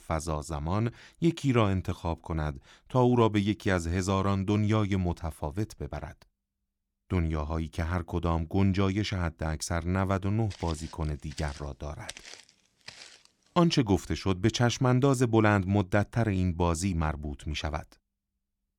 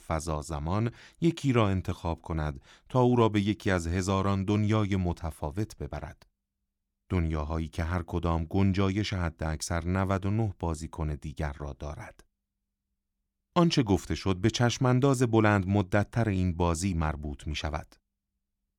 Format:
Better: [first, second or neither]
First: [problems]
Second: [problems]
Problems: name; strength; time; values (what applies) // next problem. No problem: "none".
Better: second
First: footsteps; faint; from 11 to 13 s; peak 15 dB below the speech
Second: none